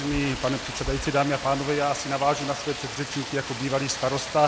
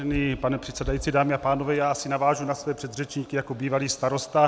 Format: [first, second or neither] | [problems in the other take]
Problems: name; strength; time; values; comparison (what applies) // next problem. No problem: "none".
second | background sound (Rain); 9 dB below the speech